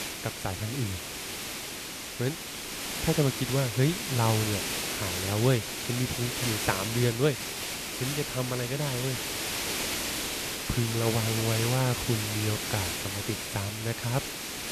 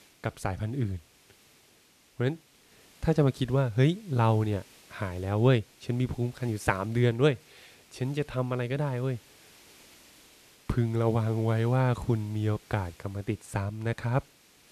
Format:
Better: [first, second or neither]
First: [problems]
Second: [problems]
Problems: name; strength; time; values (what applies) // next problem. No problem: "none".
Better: second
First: hiss; loud; throughout; 1 dB below the speech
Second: hiss; faint; throughout; 25 dB below the speech